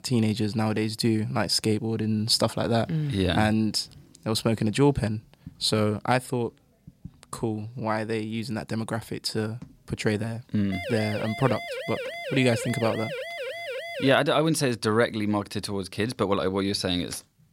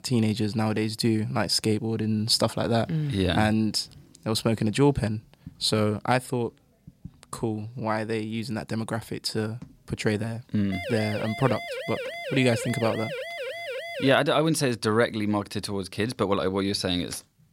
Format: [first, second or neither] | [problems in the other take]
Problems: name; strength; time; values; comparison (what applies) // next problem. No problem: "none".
neither | siren; noticeable; from 11 to 14 s; peak 7 dB below the speech; the same in both